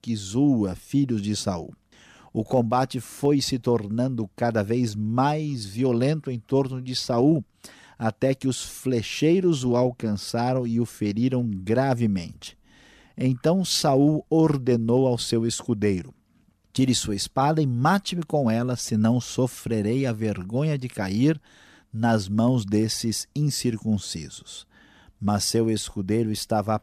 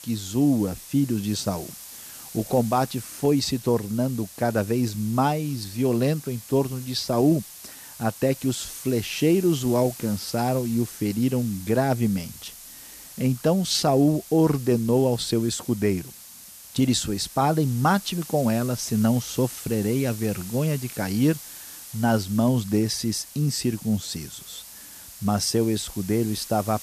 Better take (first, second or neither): first